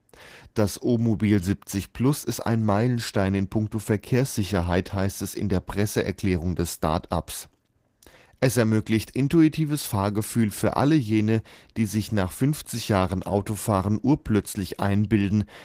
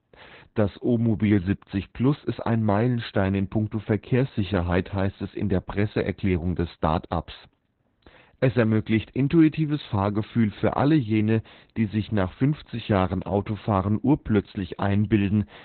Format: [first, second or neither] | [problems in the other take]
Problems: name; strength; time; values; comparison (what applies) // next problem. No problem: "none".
first | garbled, watery; badly; nothing above 4 kHz; slightly in the first